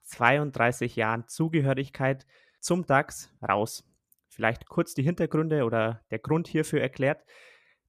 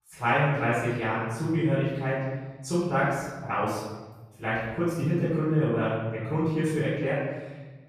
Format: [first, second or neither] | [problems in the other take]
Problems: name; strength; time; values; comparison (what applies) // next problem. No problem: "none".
first | off-mic speech; far // room echo; strong; dies away in 1.3 s